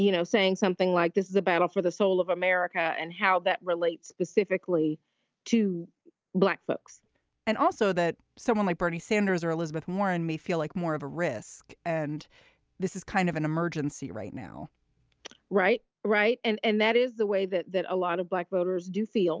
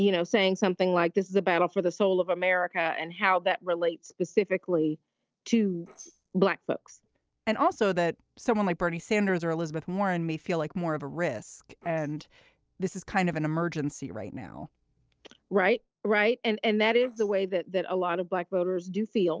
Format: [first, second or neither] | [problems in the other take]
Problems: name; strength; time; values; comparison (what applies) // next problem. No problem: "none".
first | noise reduction (neural separator model SepFormer DNS4)